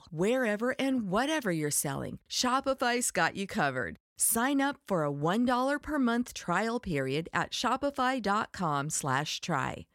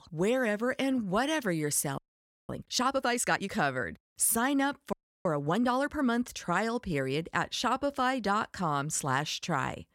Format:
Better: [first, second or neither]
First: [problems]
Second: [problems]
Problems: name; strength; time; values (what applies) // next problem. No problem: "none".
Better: first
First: none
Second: audio freezing; at 2 s for 0.5 s and at 5 s